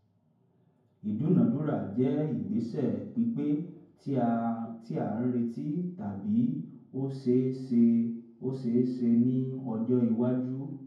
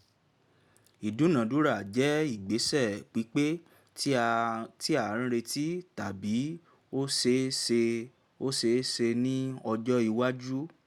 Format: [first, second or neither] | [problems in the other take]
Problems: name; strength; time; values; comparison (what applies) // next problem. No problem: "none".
second | room echo; dies away in 0.9 s